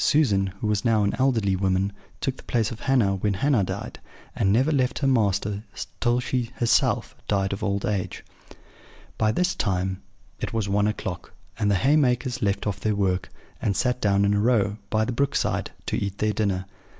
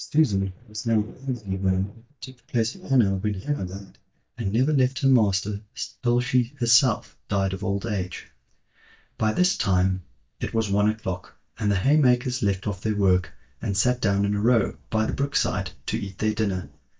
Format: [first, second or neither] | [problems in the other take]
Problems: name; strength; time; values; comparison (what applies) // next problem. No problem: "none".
first | noise reduction (neural mask model DeepFilterNet 3)